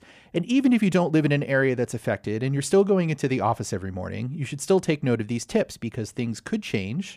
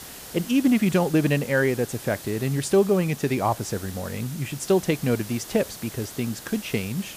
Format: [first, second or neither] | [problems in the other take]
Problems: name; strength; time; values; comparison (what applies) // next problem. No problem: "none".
first | hiss; noticeable; throughout; 15 dB below the speech